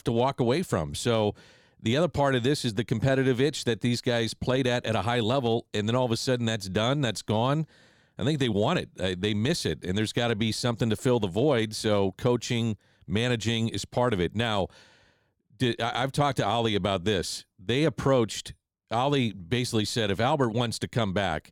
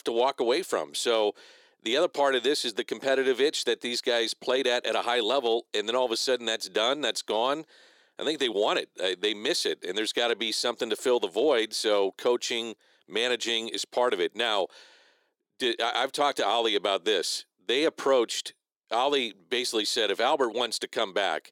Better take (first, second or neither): first